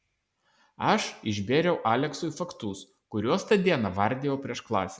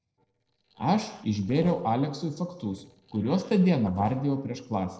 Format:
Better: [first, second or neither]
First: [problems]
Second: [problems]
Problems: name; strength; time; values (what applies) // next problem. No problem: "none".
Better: first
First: none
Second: noise reduction (neural separator model SepFormer DNS4)